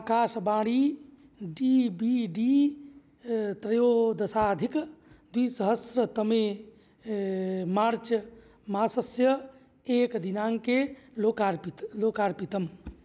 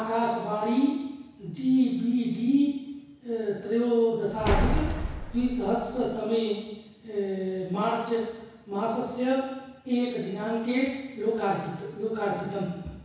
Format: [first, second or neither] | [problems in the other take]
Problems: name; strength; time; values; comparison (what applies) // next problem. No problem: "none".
first | background sound (Slam); 1 dB below the speech // room echo; dies away in 1.1 s